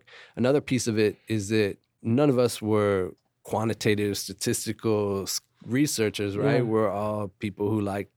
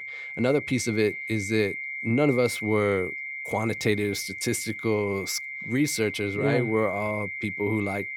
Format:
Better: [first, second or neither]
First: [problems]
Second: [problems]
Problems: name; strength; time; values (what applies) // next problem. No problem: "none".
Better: first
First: none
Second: high-pitched whine; loud; throughout; 2 kHz, 6 dB below the speech